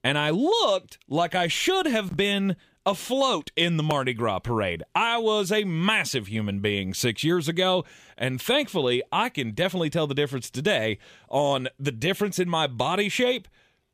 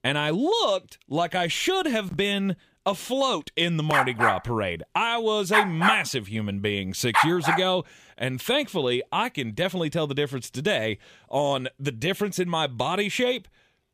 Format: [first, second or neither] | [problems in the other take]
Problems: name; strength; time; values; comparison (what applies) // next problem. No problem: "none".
first | dog barking; loud; from 4 to 7.5 s; peak 5 dB above the speech